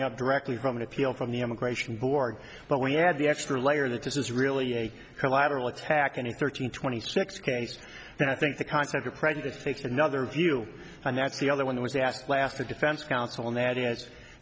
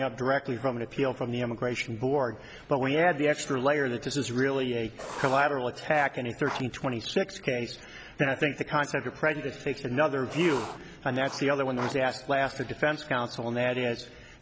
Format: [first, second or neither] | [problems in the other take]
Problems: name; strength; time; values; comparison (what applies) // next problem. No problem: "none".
first | background sound (Writing); 12 dB below the speech